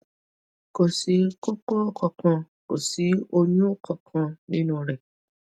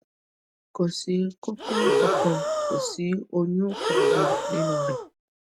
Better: first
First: none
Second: background sound (Breathing); 4 dB above the speech

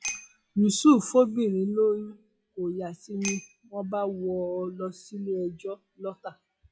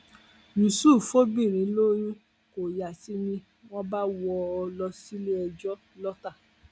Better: second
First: noise reduction (classical method WPE with log-MMSE)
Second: none

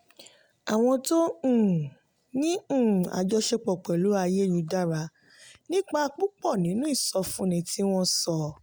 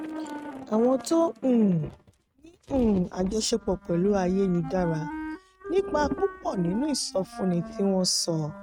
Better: first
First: none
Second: noise reduction (neural mask model RNNoise)

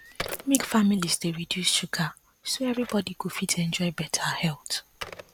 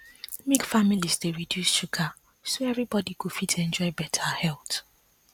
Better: second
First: background sound (Telephone); 17 dB below the speech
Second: none

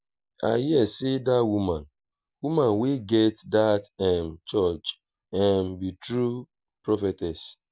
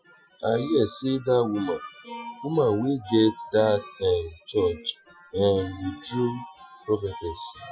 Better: first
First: none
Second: noise reduction (classical method Wiener filter)

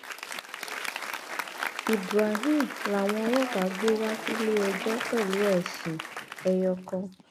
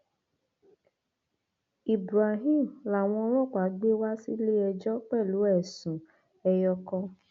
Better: second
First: background sound (Applause); 6 dB below the speech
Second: none

